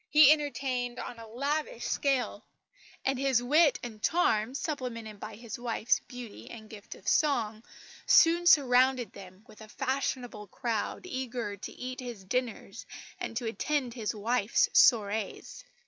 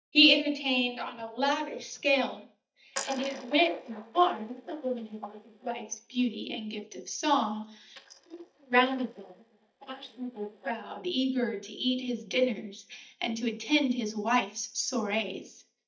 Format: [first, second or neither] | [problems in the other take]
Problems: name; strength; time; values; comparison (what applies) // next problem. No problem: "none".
first | noise reduction (neural mask model DeepFilterNet 3)